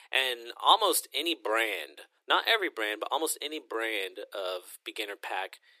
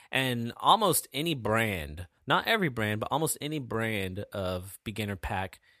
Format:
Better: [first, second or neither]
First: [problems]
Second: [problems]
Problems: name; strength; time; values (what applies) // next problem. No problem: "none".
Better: second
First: thin; very; fading below 300 Hz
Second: none